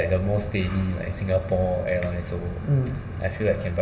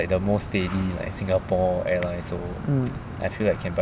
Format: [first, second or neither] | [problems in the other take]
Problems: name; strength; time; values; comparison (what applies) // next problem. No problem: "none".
second | room echo; dies away in 1.3 s